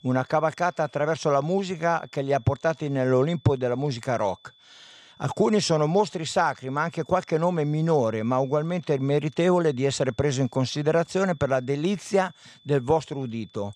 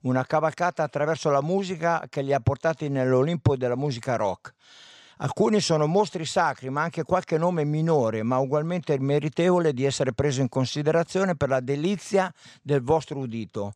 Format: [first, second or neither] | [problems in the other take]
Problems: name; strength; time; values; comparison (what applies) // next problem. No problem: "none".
second | high-pitched whine; faint; throughout; 3.5 kHz, 30 dB below the speech